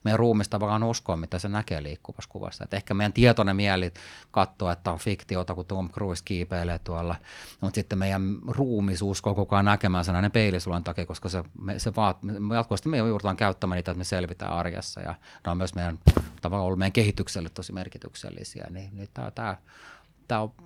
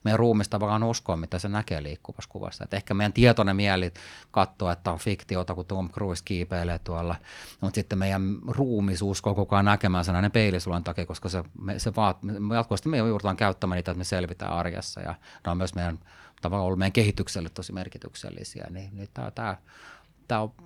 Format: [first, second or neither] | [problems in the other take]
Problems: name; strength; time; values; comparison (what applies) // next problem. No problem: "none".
second | footsteps; loud; at 16 s; peak 5 dB above the speech